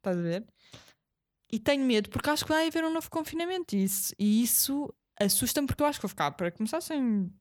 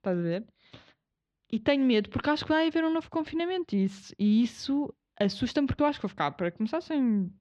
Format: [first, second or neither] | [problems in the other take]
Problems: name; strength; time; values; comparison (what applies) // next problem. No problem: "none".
first | muffled; slightly; fading above 4 kHz